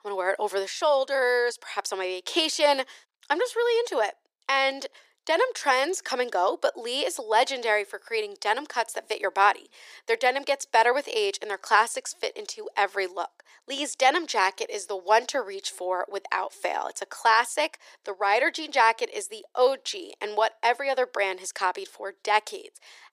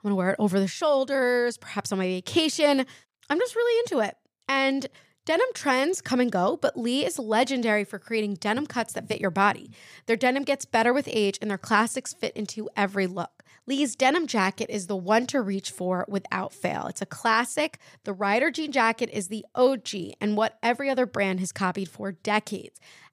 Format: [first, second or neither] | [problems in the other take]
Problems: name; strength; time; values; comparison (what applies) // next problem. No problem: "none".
second | thin; very; fading below 350 Hz